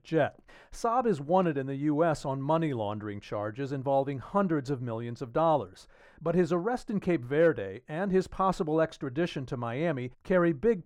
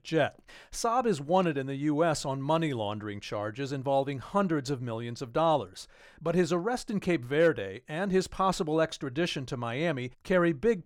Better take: second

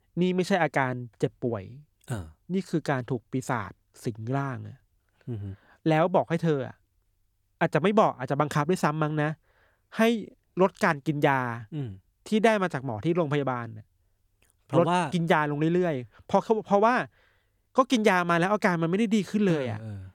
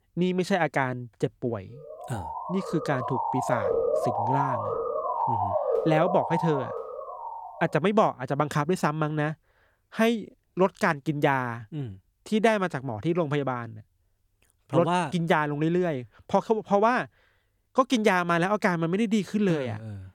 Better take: first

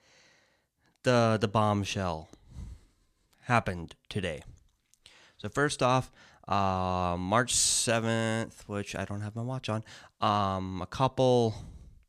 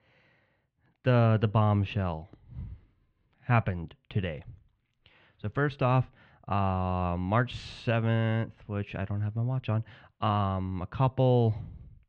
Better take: first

